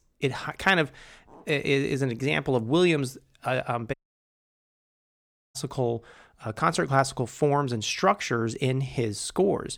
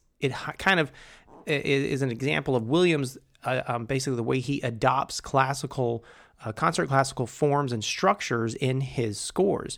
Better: second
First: audio cutting out; at 4 s for 1.5 s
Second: none

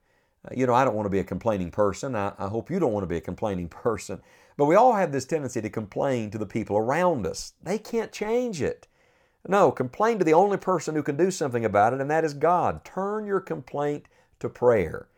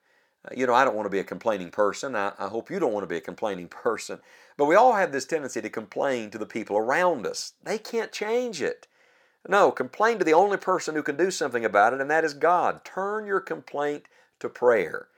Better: first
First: none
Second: thin; very slightly; fading below 300 Hz

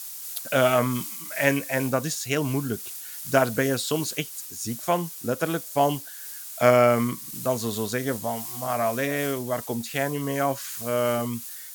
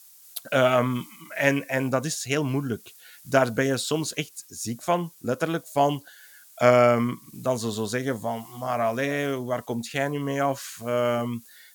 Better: second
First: hiss; loud; throughout; 9 dB below the speech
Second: hiss; faint; throughout; 25 dB below the speech

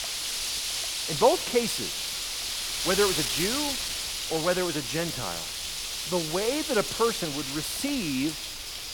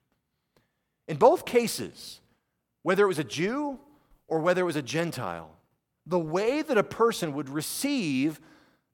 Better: second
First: wind noise on the microphone; heavy; 1 dB below the speech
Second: none

